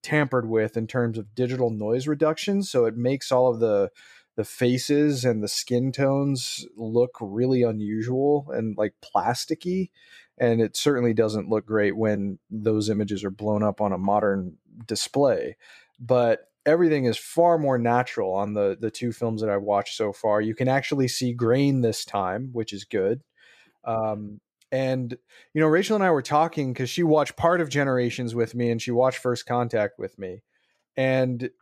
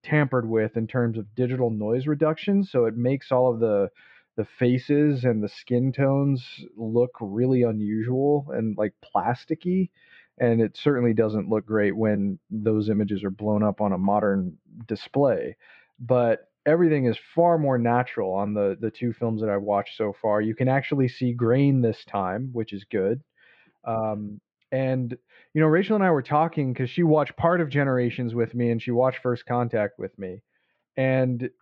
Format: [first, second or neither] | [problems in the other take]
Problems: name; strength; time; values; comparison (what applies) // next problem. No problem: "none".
first | muffled; very; fading above 3 kHz